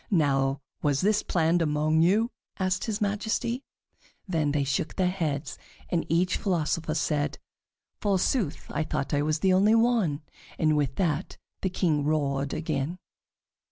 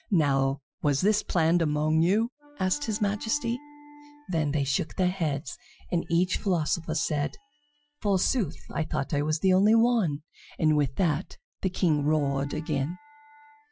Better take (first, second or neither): first